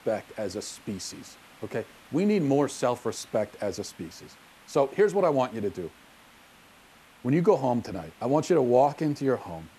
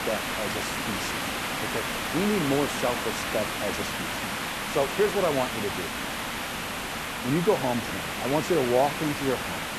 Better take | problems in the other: first | hiss; loud; throughout; 1 dB below the speech; faint in the first

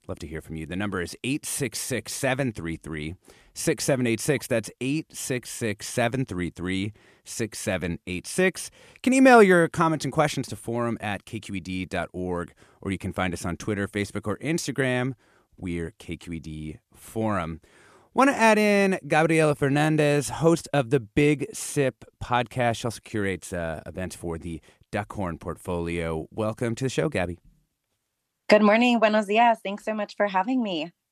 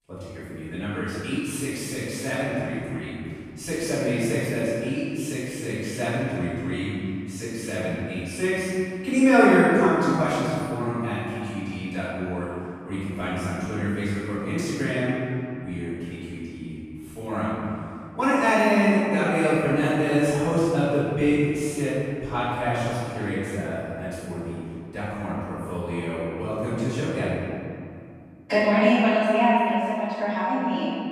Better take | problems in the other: first | off-mic speech; far // room echo; strong; dies away in 2.2 s

